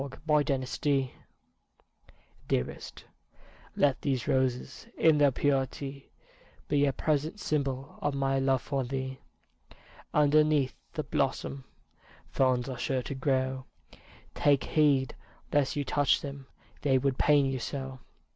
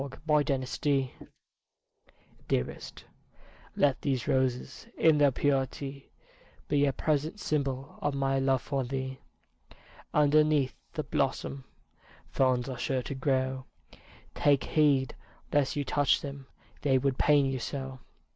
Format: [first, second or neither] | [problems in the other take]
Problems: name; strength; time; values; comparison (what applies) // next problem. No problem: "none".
first | noise reduction (neural mask model Resemble Enhance denoiser)